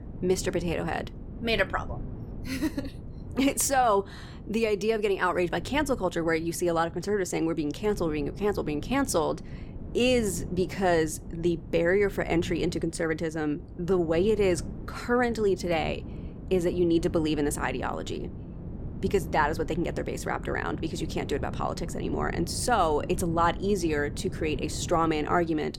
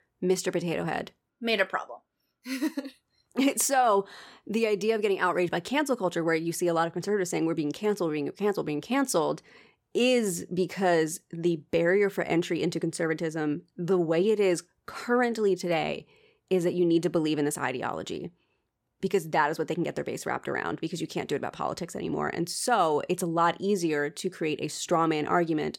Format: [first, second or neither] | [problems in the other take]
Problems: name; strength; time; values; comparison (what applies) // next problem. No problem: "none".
second | wind noise on the microphone; occasional gusts; 20 dB below the speech